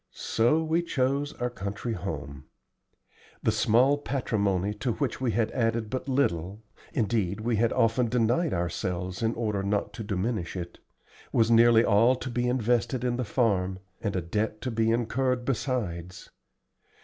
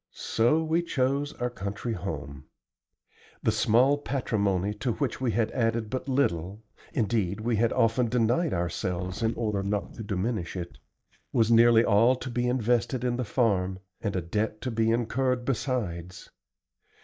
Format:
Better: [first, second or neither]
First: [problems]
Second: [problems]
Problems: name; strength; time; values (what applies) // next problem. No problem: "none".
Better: first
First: none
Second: noise reduction (neural mask model DeepFilterNet 3)